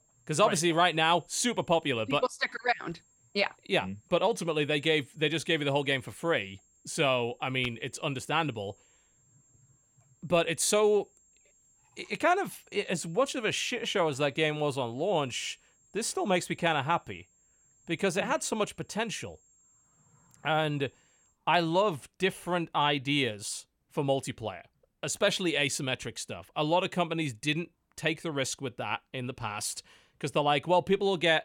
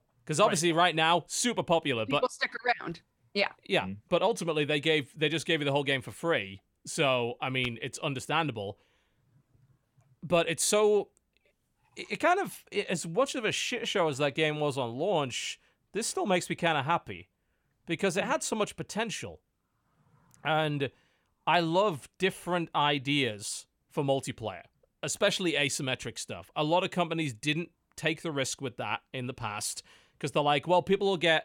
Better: second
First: high-pitched whine; faint; until 21 s; 7.5 kHz, 35 dB below the speech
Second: none

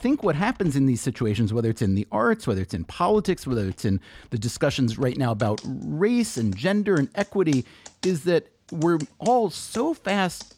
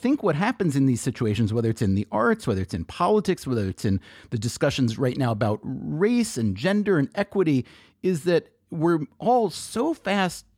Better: second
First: household noises; faint; throughout; 20 dB below the speech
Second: none

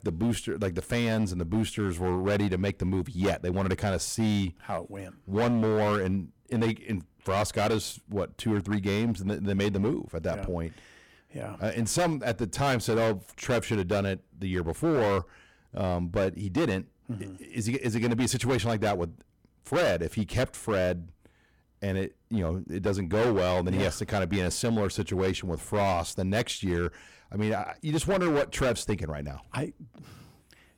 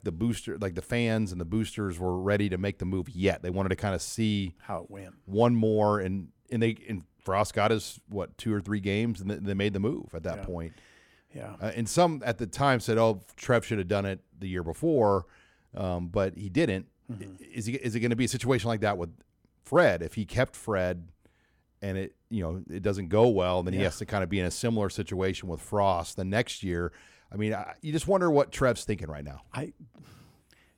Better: second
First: distortion; heavy; 11% of the sound clipped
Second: none

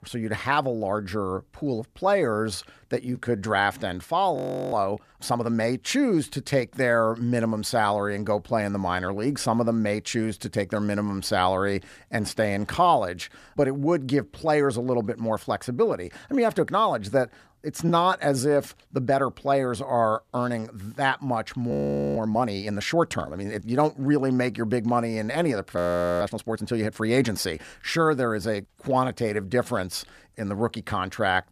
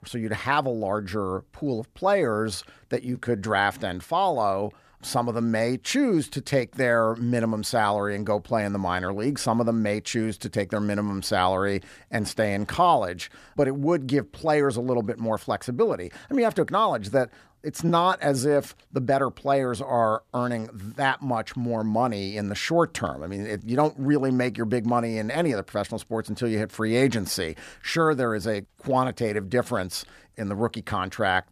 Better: second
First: audio freezing; at 4.5 s, at 22 s and at 26 s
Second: none

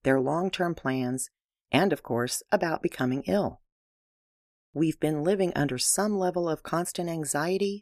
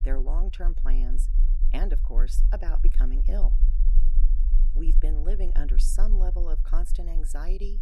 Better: first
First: none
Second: low rumble; noticeable; throughout; 10 dB below the speech

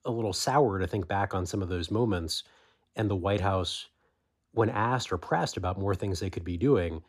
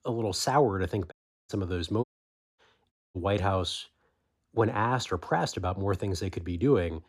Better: first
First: none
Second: audio cutting out; at 1 s, at 2 s for 0.5 s and at 3 s

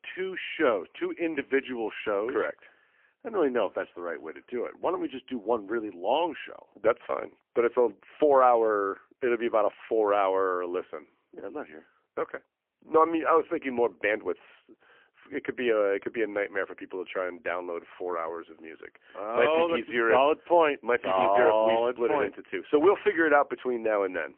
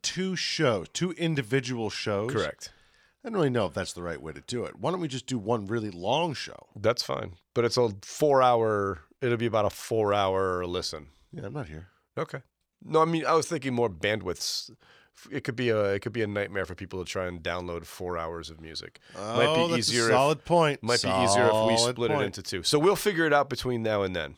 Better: second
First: phone-call audio; poor line; nothing above 3 kHz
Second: none

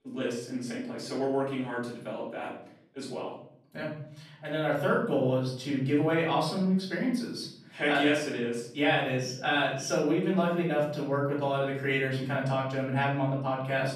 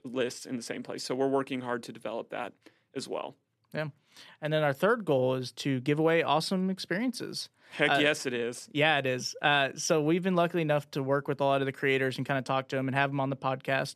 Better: second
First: off-mic speech; far // room echo; noticeable; dies away in 0.8 s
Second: none

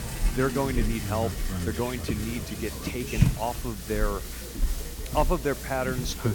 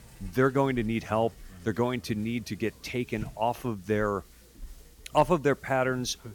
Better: second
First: hiss; loud; throughout; 1 dB below the speech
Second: hiss; faint; throughout; 20 dB below the speech

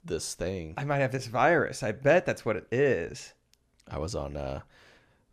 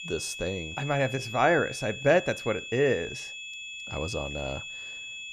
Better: first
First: none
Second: high-pitched whine; loud; throughout; 2.5 kHz, 9 dB below the speech

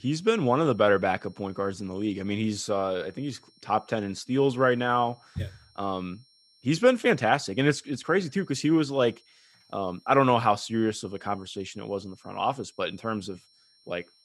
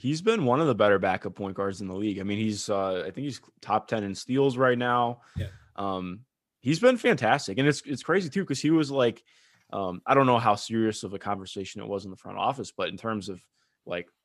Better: second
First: high-pitched whine; faint; throughout; 5.5 kHz, 30 dB below the speech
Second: none

